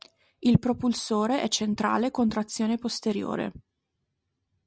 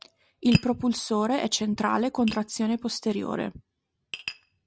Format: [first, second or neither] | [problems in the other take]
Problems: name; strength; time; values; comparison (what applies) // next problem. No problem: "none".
first | background sound (Tap); 16 dB below the speech